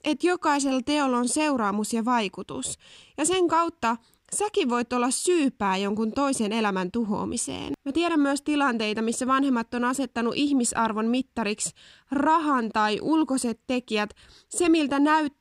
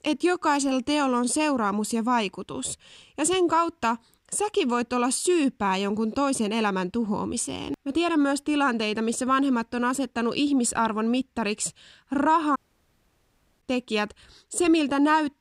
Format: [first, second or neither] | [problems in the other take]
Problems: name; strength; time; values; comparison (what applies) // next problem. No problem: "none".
first | audio cutting out; at 13 s for 1 s